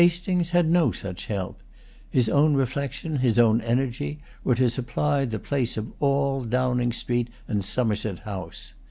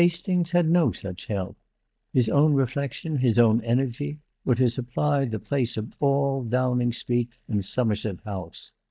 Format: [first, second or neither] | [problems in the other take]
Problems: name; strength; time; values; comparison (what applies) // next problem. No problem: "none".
first | noise reduction (neural mask model DeepFilterNet 3)